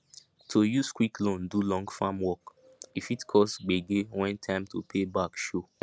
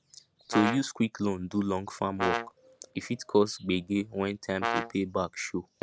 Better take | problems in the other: first | background sound (Brass instrument); 5 dB below the speech

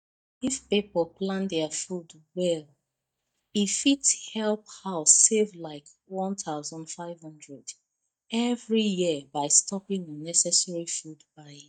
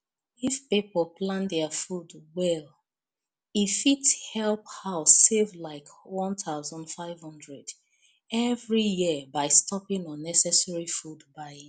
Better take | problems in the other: second | noise reduction (neural mask model DeepFilterNet 3)

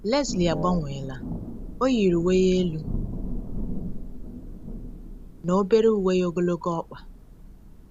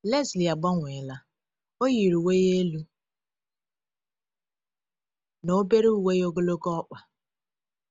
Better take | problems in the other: second | background sound (Thunder / Rain + Wind instrument, woodwind instrument); 8 dB below the speech

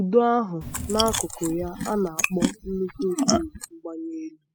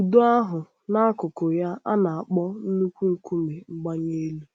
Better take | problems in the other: second | noise reduction (classical method spectral subtraction)

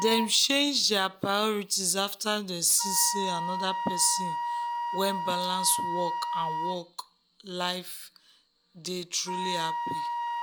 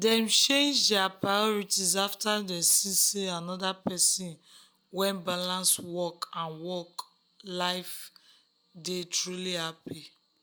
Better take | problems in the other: second | background sound (Wind instrument, woodwind instrument); 4 dB below the speech

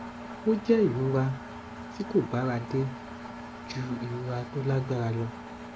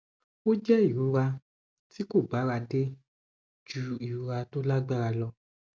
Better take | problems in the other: second | background sound (Engine); 11 dB below the speech

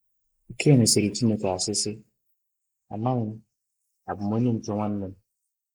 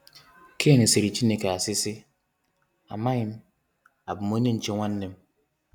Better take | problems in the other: second | noise reduction (neural mask model Resemble Enhance denoiser)

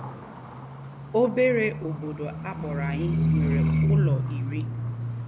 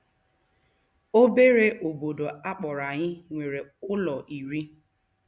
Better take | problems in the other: second | background sound (Livestock, farm animals, working animals); 3 dB above the speech

